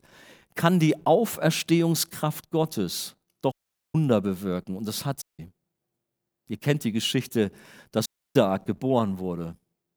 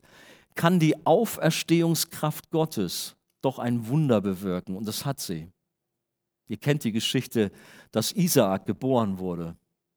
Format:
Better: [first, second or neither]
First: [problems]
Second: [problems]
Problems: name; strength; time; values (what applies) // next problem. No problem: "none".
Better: second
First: audio cutting out; at 3.5 s, at 5 s and at 8 s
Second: none